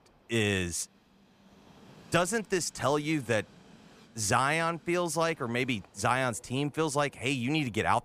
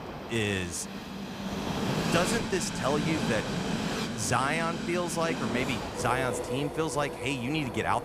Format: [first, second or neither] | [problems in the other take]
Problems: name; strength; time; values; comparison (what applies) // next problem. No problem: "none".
first | train or aircraft noise; loud; throughout; 3 dB below the speech; faint in the first